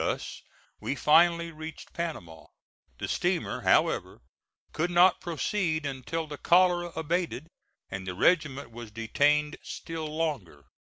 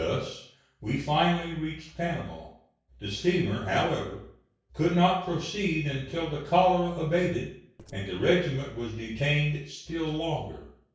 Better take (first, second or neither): first